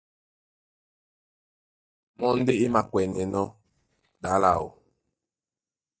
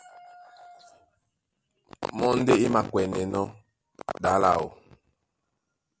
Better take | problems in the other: second | noise reduction (neural mask model DeepFilterNet 3)

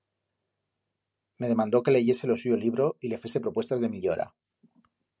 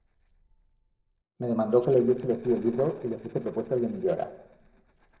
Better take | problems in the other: first | noise reduction (neural separator model SepFormer DNS4)

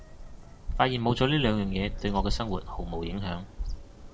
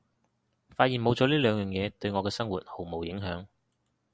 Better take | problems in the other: second | background sound (Bird vocalization, bird call, bird song); 5 dB below the speech // room echo; dies away in 0.4 s

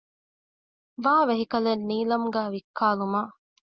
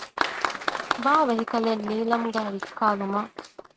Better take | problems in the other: first | noise reduction (neural mask model RNNoise)

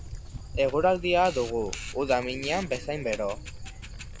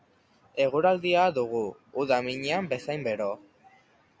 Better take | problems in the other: second | background sound (Camera + Dog); 11 dB below the speech

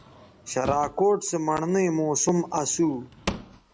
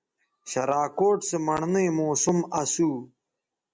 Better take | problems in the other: second | background sound (Drawer open or close / Wood); 14 dB below the speech

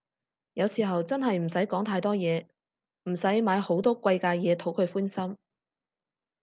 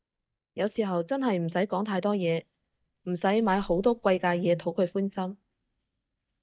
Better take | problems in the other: first | noise reduction (neural mask model DeepFilterNet 3)

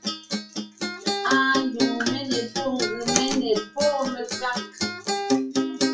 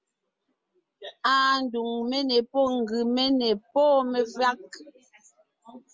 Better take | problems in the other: second | noise reduction (classical method WPE with log-MMSE)

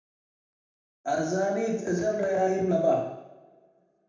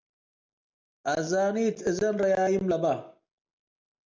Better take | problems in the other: second | room echo; dies away in 0.8 s

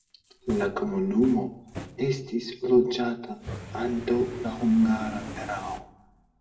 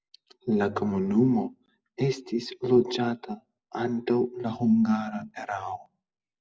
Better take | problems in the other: second | background sound (Fire); 15 dB below the speech // room echo; dies away in 0.6 s

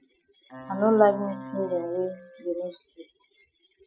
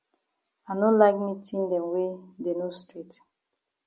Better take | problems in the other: second | noise reduction (classical method Wiener filter)

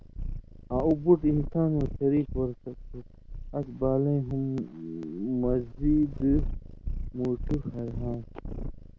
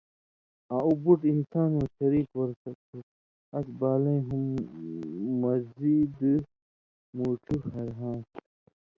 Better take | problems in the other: second | background sound (Purr); 7 dB below the speech

